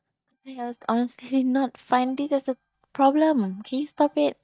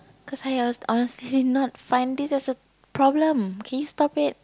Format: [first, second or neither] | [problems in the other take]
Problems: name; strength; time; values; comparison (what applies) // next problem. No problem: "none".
second | noise reduction (neural mask model DeepFilterNet 3)